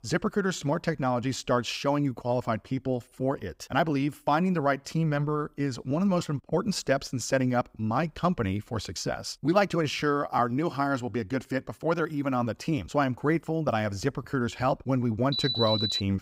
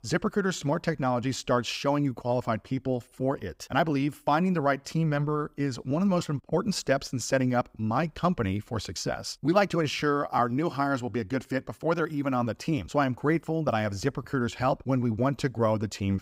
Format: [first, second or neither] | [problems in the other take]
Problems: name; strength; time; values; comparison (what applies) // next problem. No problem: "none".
second | alarm; loud; at 15 s; peak 1 dB above the speech